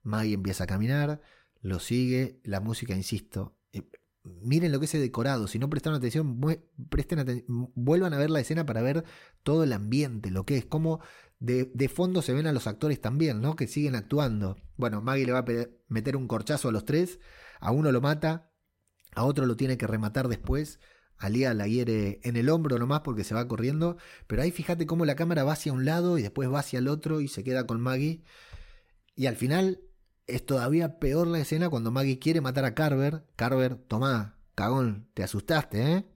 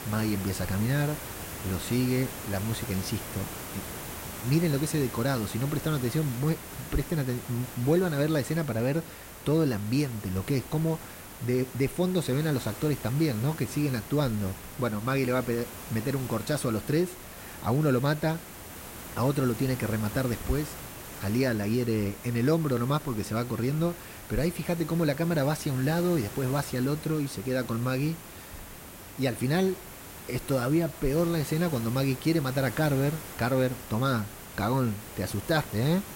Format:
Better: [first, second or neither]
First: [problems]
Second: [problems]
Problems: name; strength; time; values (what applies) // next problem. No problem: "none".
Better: first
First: none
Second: hiss; noticeable; throughout; 10 dB below the speech